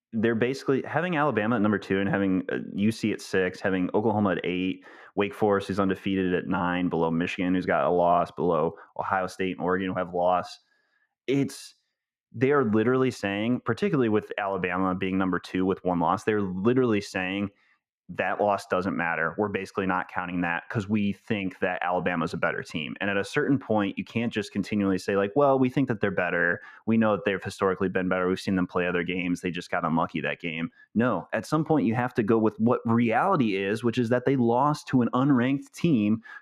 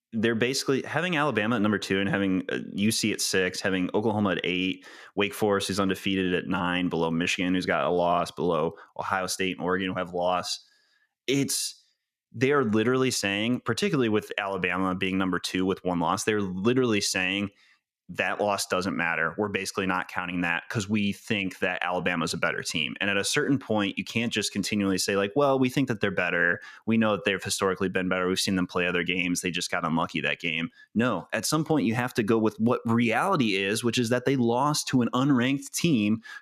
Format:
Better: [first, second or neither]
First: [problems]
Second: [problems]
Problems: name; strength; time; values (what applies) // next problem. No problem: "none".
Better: second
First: muffled; slightly; fading above 3 kHz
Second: none